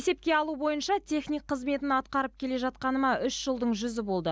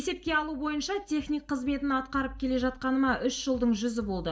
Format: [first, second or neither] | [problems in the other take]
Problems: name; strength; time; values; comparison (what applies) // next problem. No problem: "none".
first | noise reduction (neural mask model DeepFilterNet 3)